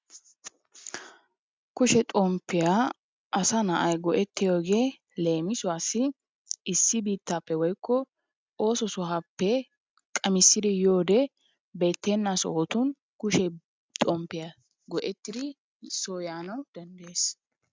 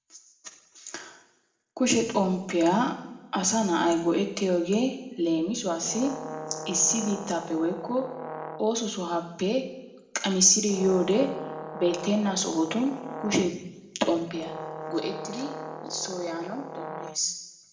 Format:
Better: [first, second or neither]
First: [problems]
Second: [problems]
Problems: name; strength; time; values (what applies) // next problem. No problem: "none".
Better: first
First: none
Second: background sound (Brass instrument); 11 dB below the speech // room echo; dies away in 0.9 s